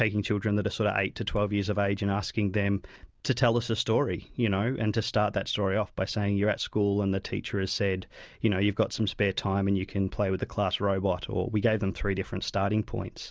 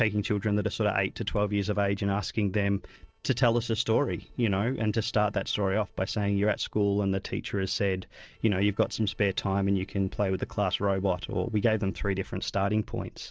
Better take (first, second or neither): first